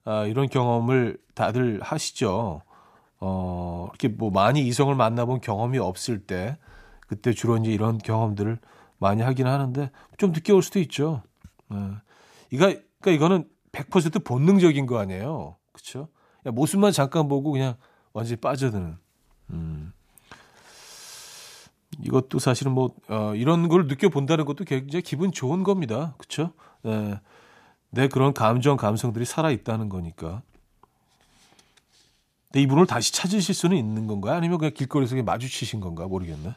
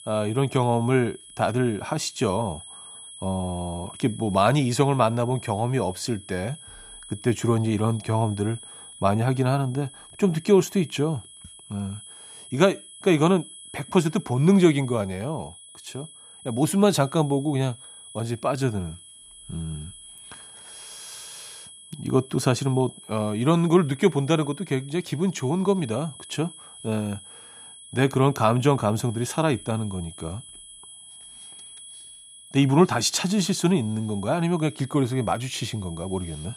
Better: first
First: none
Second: high-pitched whine; noticeable; throughout; 10 kHz, 20 dB below the speech

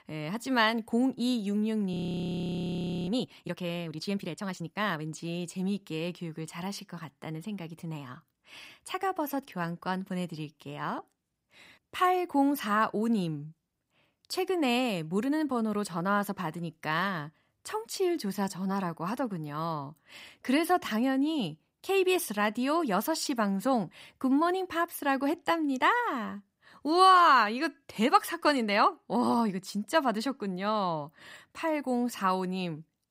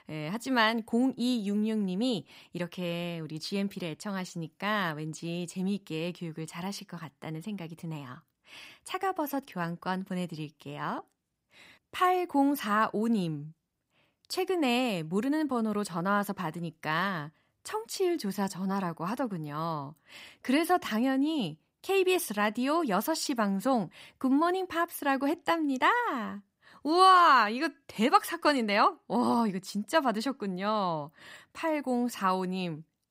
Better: second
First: audio freezing; at 2 s for 1 s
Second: none

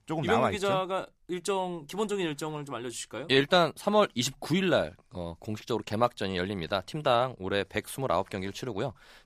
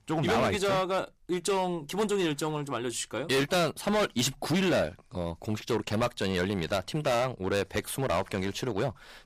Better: first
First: none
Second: distortion; heavy; 11% of the sound clipped

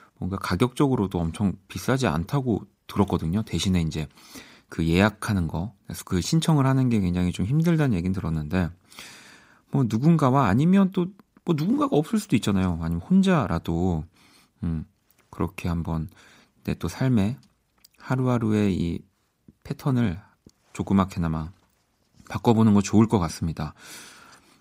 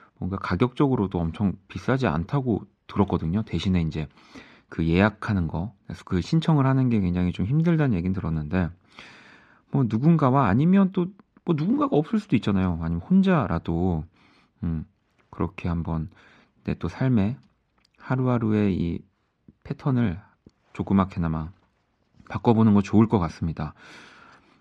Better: first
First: none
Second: muffled; slightly; fading above 3 kHz

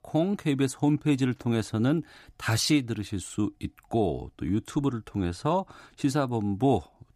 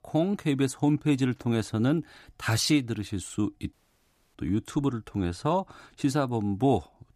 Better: first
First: none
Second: audio cutting out; at 3.5 s for 0.5 s

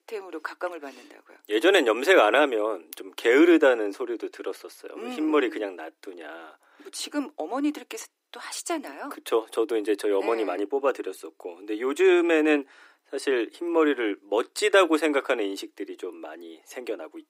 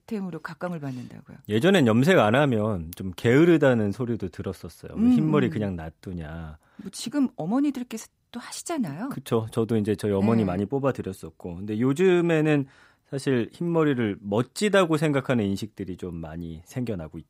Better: second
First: thin; somewhat; fading below 300 Hz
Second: none

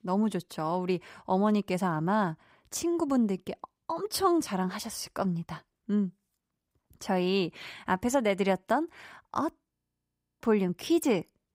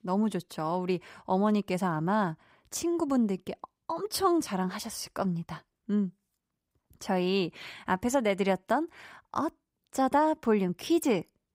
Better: second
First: audio freezing; at 10 s for 0.5 s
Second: none

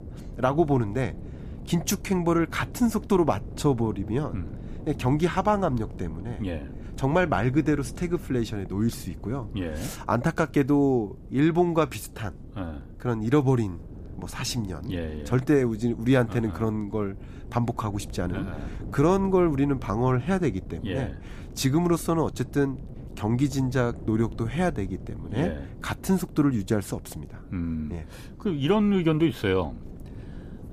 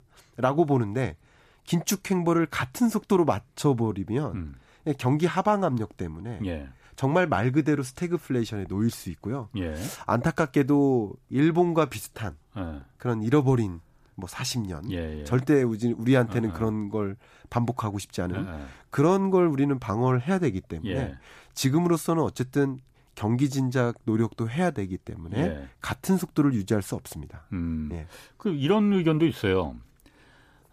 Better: second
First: wind noise on the microphone; occasional gusts; 20 dB below the speech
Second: none

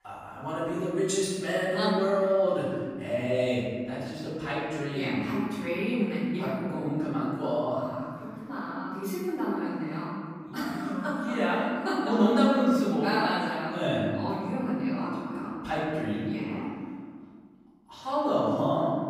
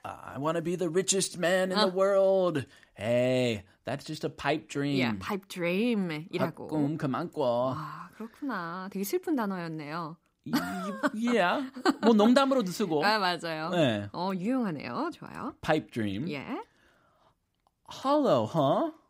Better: second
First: off-mic speech; far // room echo; strong; dies away in 1.8 s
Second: none

